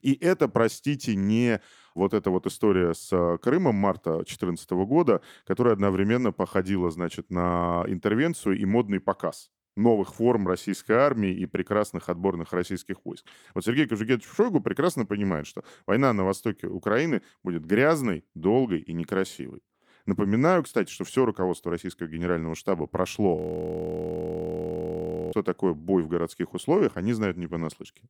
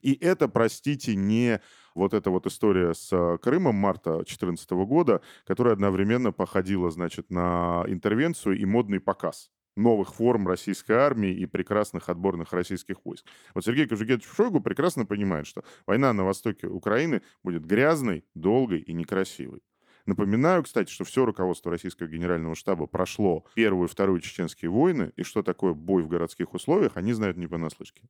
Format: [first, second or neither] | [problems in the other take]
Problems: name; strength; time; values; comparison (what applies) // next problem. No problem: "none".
second | audio freezing; at 23 s for 2 s